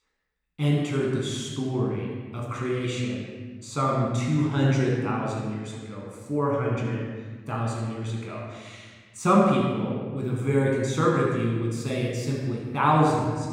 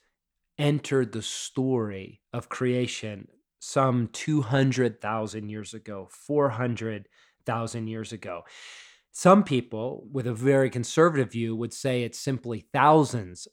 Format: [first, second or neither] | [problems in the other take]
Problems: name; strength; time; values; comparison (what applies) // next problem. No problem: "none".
second | off-mic speech; far // room echo; noticeable; dies away in 1.5 s